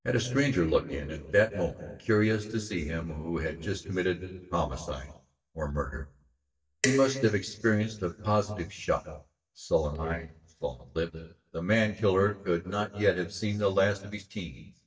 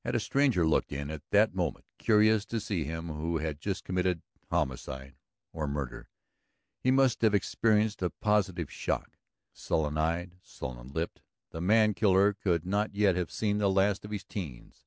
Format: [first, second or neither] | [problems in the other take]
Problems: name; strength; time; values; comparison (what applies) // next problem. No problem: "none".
second | noise reduction (neural mask model DeepFilterNet 3)